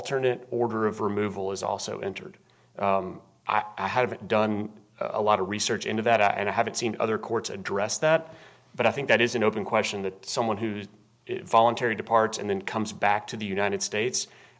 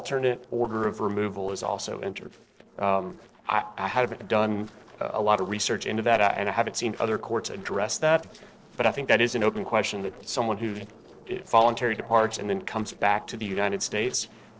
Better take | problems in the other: first | noise reduction (neural separator model SepFormer DNS4)

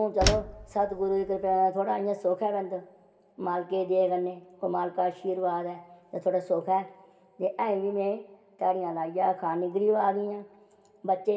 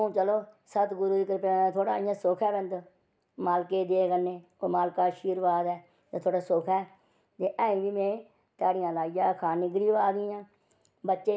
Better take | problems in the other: second | background sound (Slam); 3 dB below the speech // room echo; dies away in 1.7 s

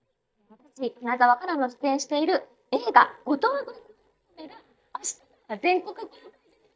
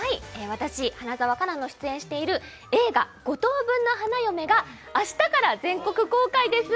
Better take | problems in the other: second | noise reduction (neural mask model DeepFilterNet 3)

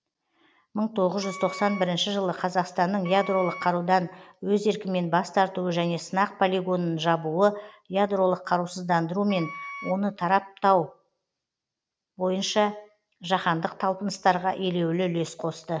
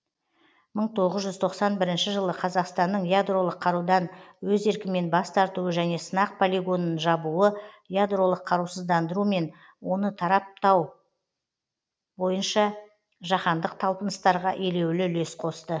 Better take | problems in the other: second | background sound (Wind instrument, woodwind instrument); 14 dB below the speech

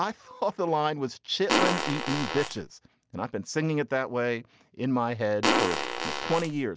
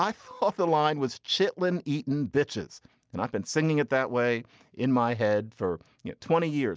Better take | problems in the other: second | background sound (Fart); 2 dB above the speech

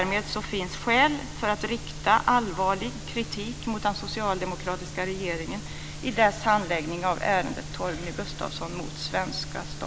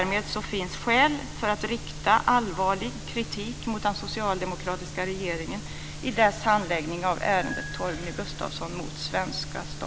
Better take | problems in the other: first | background sound (Piano); 16 dB below the speech

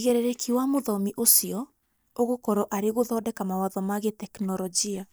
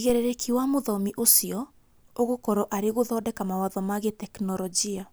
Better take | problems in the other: second | noise reduction (neural mask model DeepFilterNet 3)

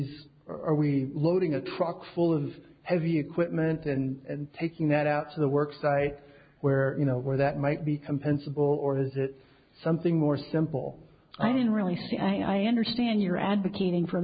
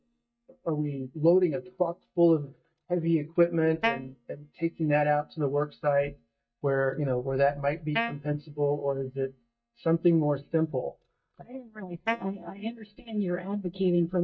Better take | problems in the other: first | noise reduction (neural mask model DeepFilterNet 3)

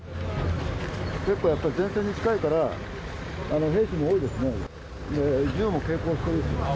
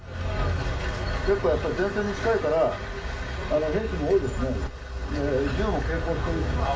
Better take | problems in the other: first | room echo; dies away in 0.2 s

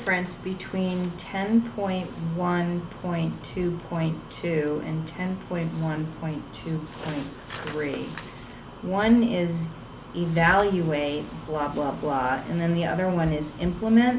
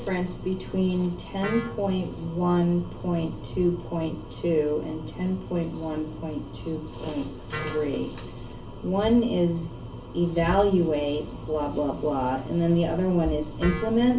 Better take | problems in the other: first | background sound (Wind instrument, woodwind instrument); 18 dB below the speech // room echo; dies away in 0.2 s

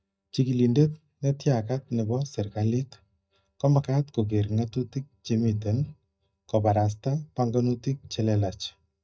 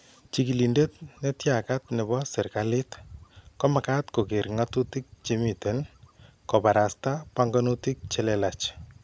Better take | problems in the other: second | noise reduction (neural mask model DeepFilterNet 3)

